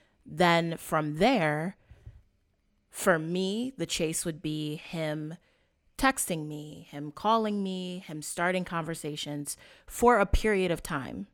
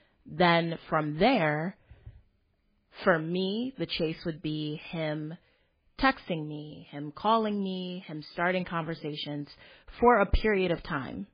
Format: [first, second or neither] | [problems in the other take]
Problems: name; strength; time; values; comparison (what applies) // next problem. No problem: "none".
first | garbled, watery; badly; nothing above 4.5 kHz